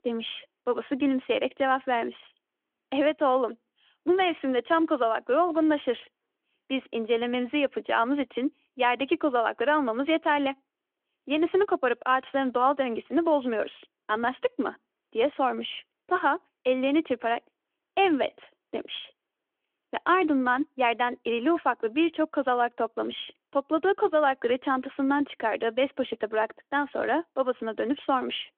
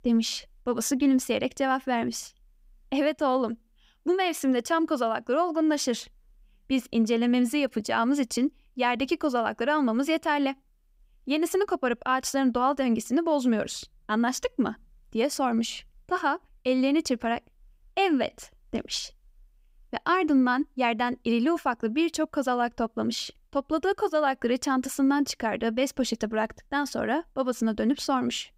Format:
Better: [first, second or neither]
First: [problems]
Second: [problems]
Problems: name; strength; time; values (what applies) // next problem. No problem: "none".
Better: second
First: phone-call audio; nothing above 3.5 kHz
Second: none